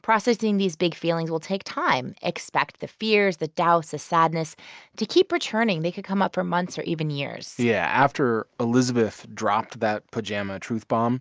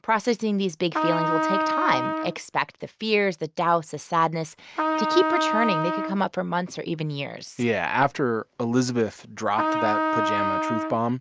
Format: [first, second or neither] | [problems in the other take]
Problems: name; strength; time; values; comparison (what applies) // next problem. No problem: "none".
first | background sound (Trumpet); as loud as the speech